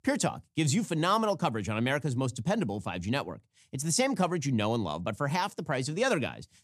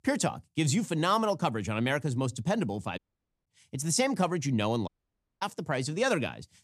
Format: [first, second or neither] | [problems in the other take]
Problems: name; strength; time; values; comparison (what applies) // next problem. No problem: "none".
first | audio cutting out; at 3 s and at 5 s for 0.5 s